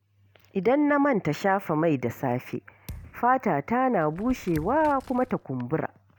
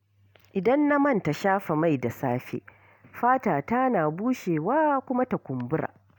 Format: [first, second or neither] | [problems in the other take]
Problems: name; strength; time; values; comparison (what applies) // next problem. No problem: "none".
second | background sound (Crumpling, crinkling + Thump, thud); 19 dB below the speech